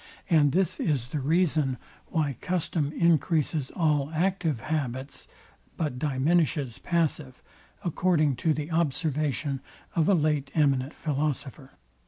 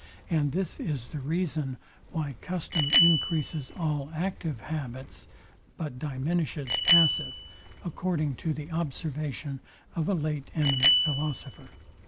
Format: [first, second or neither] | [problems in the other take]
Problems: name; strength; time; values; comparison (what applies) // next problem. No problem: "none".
first | background sound (Bicycle bell); 2 dB below the speech